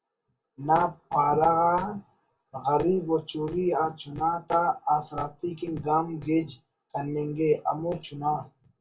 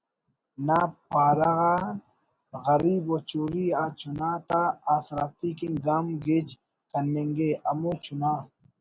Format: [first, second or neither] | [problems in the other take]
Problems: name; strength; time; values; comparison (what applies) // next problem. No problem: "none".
second | room echo; dies away in 0.2 s